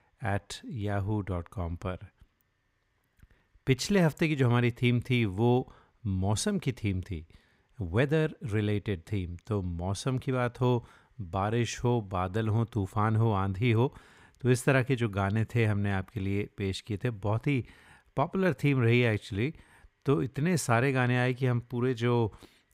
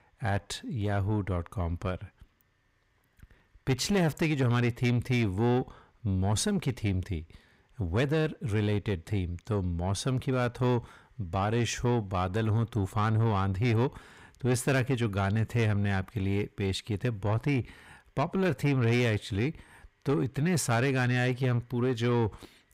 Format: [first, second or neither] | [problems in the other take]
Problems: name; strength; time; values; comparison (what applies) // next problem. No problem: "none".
first | distortion; slight; 10 dB below the speech